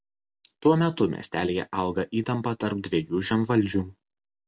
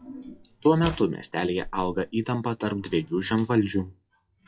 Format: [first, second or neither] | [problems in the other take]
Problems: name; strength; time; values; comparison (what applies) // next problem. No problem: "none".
first | noise reduction (classical method log-MMSE)